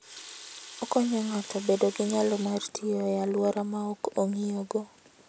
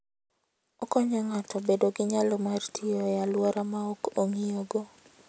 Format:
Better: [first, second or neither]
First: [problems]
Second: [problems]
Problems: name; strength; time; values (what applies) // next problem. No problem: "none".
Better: second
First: background sound (Water tap, faucet); 18 dB below the speech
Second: none